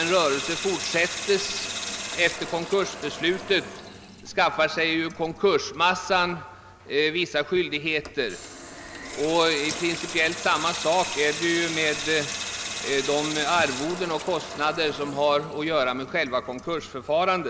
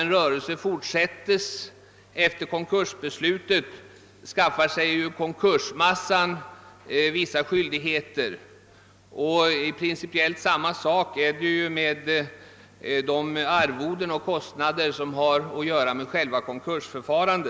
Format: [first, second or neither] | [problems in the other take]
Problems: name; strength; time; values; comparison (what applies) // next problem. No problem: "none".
second | background sound (Sink (filling or washing) / Water tap, faucet); 10 dB below the speech